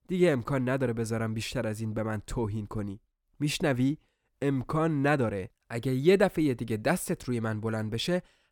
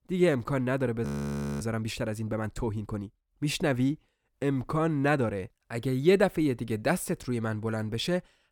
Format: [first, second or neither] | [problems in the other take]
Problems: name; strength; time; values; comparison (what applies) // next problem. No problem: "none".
first | audio freezing; at 1 s for 0.5 s